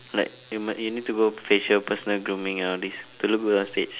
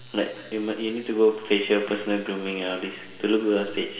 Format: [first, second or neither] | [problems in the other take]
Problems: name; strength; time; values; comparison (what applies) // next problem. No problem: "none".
first | room echo; dies away in 2.3 s